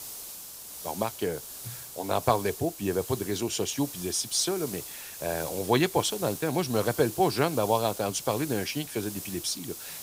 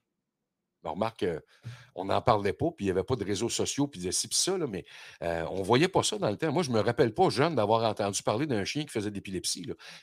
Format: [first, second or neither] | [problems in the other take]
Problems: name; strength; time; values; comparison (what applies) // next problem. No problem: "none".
second | hiss; loud; throughout; 10 dB below the speech